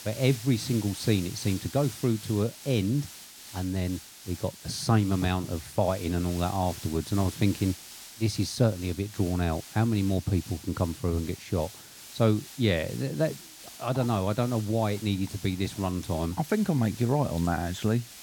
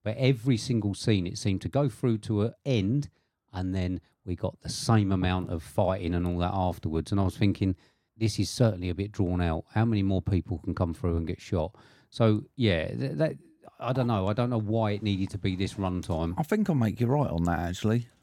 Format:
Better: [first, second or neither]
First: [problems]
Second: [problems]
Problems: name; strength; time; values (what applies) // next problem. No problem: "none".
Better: second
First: hiss; noticeable; throughout; 15 dB below the speech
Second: none